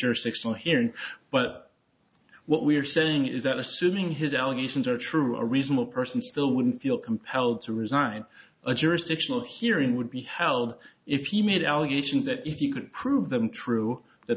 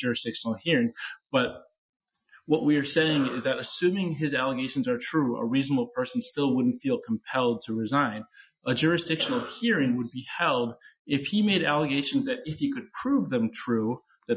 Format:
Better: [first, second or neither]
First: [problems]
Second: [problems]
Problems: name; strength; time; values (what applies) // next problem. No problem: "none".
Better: first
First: none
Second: noise reduction (classical method Wiener filter)